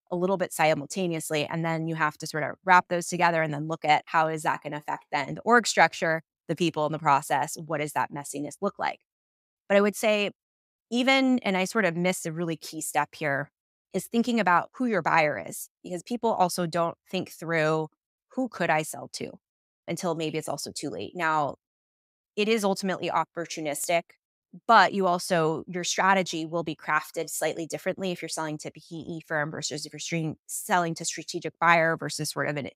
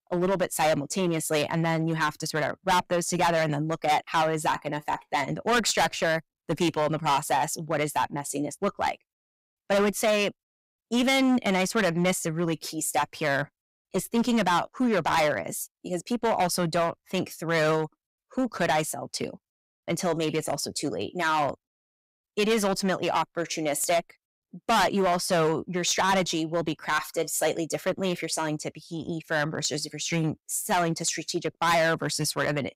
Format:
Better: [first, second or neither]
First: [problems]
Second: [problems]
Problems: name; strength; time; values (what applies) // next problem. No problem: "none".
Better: first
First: none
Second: distortion; heavy; 9% of the sound clipped